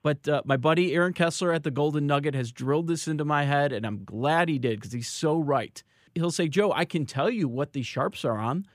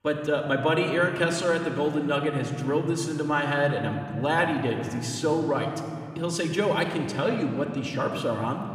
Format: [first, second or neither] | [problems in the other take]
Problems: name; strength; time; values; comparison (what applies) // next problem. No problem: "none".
first | room echo; slight; dies away in 2.1 s // off-mic speech; somewhat distant